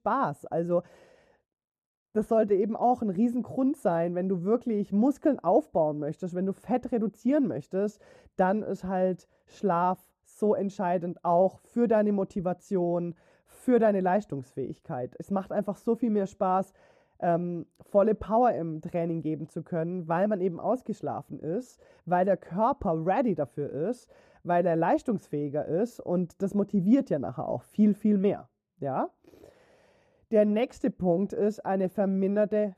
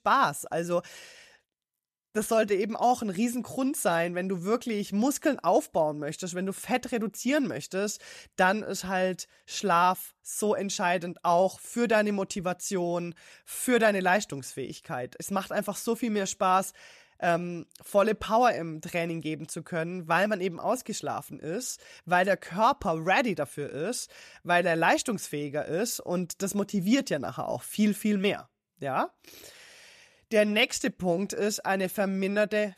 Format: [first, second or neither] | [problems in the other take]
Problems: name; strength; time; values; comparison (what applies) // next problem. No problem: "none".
second | muffled; very; fading above 1.5 kHz